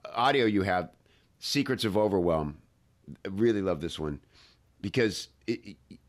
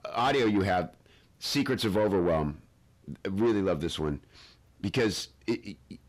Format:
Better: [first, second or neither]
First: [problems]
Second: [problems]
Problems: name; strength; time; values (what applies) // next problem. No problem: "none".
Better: first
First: none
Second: distortion; slight; 10 dB below the speech